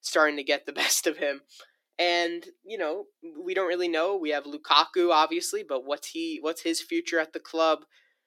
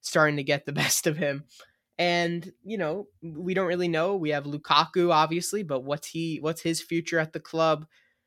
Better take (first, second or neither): second